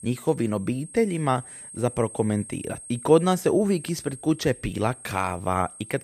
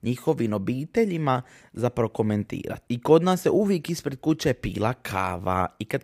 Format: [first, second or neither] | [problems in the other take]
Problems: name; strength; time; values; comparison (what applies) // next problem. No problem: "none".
second | high-pitched whine; noticeable; throughout; 8.5 kHz, 15 dB below the speech